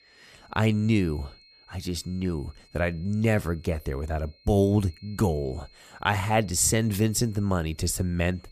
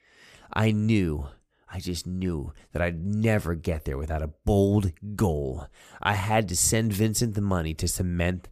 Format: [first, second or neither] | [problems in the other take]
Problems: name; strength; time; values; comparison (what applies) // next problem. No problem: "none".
second | high-pitched whine; faint; throughout; 4 kHz, 30 dB below the speech